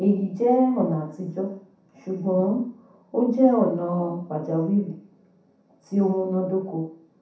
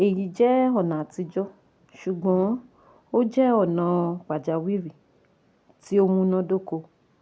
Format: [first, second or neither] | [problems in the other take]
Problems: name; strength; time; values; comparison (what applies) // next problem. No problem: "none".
second | room echo; dies away in 0.7 s